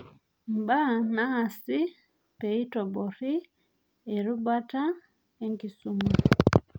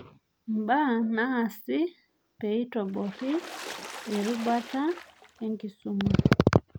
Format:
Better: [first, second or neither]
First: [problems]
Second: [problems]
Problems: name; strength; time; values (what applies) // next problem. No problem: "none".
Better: first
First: none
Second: background sound (Water / Splash, splatter); 14 dB below the speech